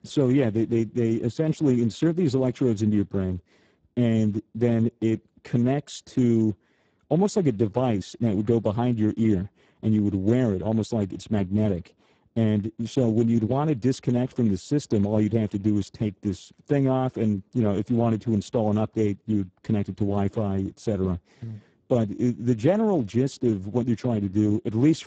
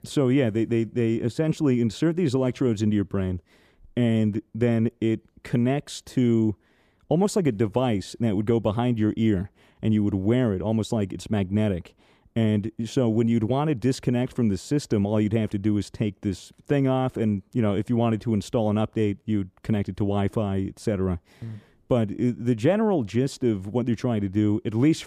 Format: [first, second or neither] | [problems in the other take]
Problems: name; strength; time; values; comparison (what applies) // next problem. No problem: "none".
second | garbled, watery; badly; nothing above 7.5 kHz